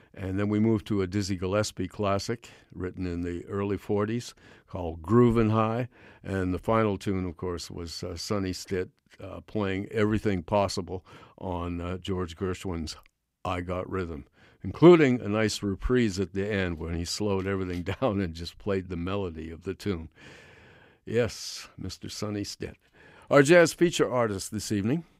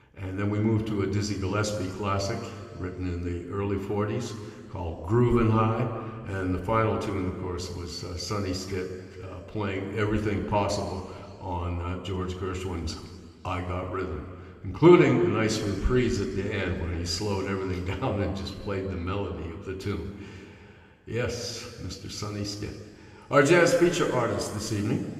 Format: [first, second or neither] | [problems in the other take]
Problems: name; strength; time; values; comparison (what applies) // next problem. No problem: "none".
first | room echo; noticeable; dies away in 1.8 s